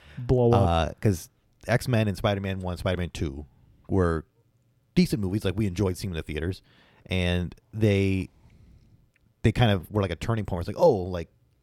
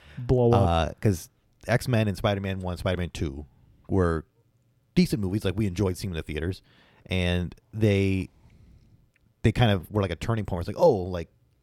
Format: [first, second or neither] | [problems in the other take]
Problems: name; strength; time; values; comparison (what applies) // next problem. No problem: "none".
neither | none